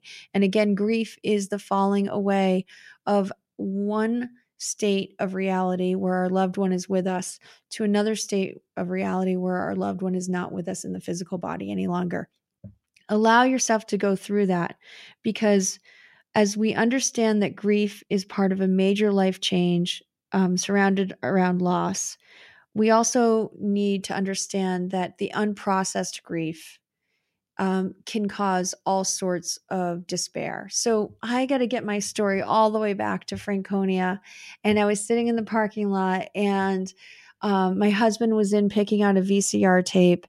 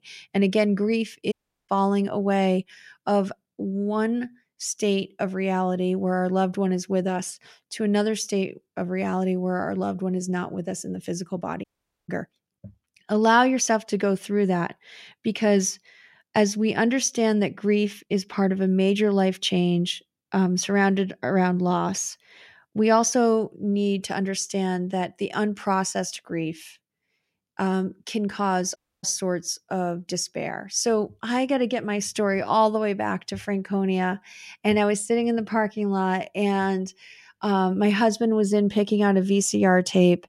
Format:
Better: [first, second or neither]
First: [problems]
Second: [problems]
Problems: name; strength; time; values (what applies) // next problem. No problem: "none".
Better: first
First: none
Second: audio cutting out; at 1.5 s, at 12 s and at 29 s